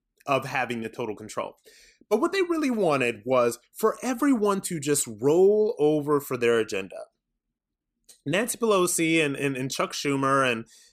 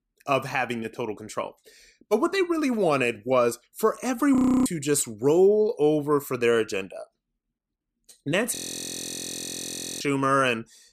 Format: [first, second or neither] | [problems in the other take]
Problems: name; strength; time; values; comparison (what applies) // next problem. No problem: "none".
first | audio freezing; at 4.5 s and at 8.5 s for 1.5 s